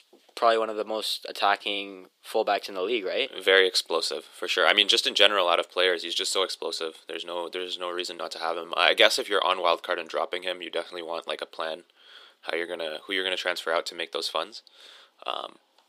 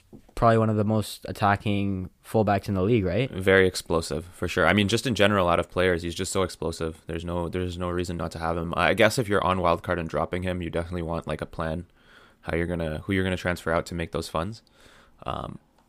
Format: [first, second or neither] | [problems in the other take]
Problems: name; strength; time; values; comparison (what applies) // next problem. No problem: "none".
second | thin; very; fading below 350 Hz